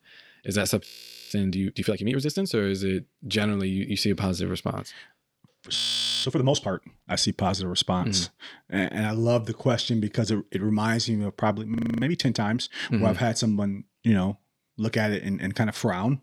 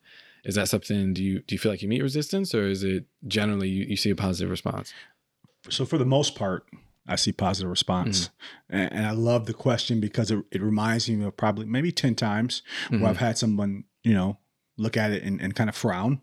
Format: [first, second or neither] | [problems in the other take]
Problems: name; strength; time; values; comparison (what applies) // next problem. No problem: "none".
second | audio freezing; at 1 s, at 6 s and at 12 s